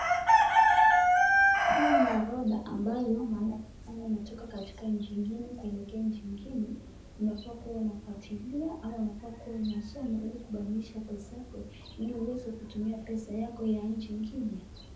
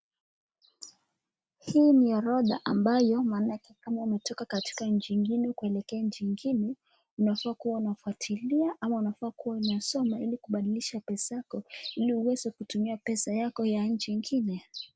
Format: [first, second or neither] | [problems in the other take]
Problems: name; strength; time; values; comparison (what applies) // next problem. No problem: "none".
second | background sound (Chicken, rooster); 4 dB above the speech // room echo; dies away in 0.7 s